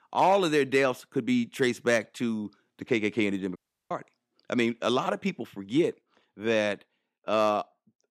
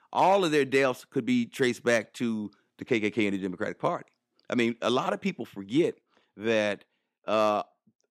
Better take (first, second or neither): second